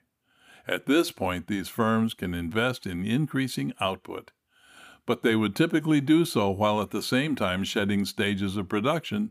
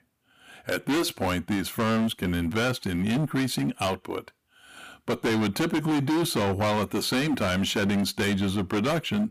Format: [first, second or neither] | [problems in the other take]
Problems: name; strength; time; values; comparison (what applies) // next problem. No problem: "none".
first | distortion; heavy; 21% of the sound clipped